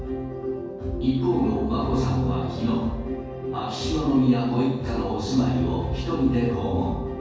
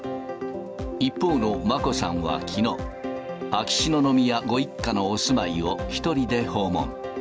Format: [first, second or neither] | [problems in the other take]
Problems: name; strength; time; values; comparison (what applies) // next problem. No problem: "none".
second | room echo; dies away in 1.3 s